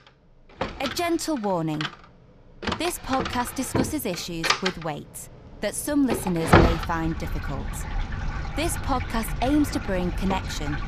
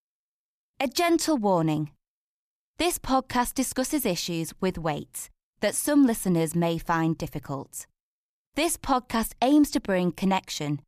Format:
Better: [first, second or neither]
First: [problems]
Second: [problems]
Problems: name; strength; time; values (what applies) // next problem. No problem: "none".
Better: second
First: household noises; loud; throughout; as loud as the speech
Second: none